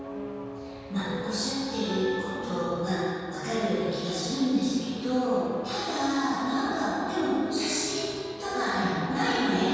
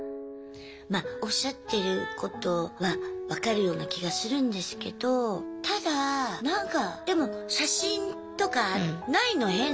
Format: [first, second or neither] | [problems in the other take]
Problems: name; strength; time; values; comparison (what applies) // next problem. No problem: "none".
second | background sound (Accelerating, revving, vroom / Car); 19 dB below the speech // room echo; dies away in 2.1 s